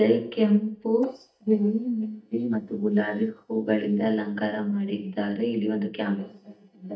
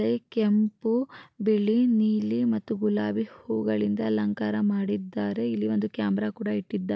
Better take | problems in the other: second | noise reduction (neural mask model DeepFilterNet 3)

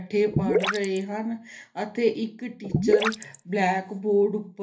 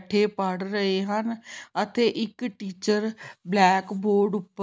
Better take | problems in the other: second | background sound (Gurgling / Liquid); as loud as the speech // room echo; dies away in 0.3 s

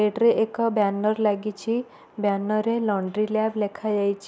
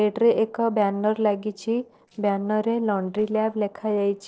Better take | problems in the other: first | noise reduction (neural separator model SepFormer DNS4)

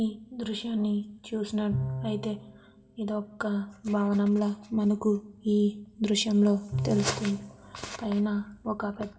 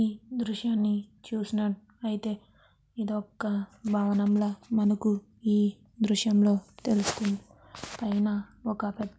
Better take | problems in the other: second | background sound (Bowed string instrument); 12 dB below the speech // room echo; dies away in 1.2 s

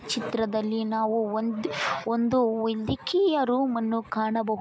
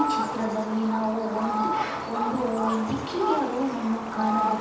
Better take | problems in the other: first | background sound (Fowl); 2 dB below the speech // room echo; dies away in 0.8 s

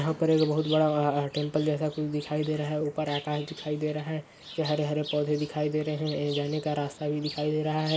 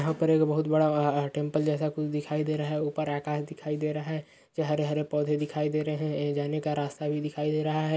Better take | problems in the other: second | noise reduction (neural mask model Resemble Enhance denoiser)

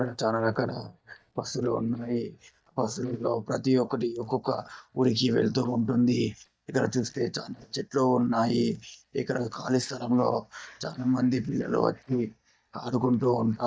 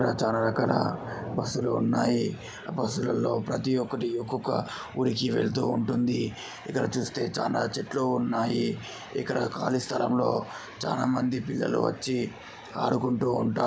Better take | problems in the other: second | noise reduction (neural mask model DeepFilterNet 3)

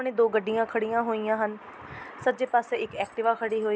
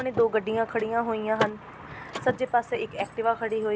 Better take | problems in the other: first | background sound (Mechanisms / Car); 11 dB below the speech

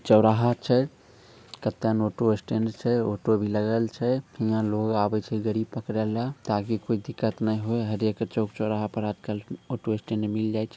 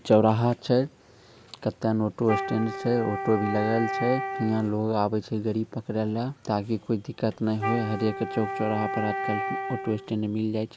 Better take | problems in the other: first | background sound (Wind instrument, woodwind instrument); 6 dB below the speech

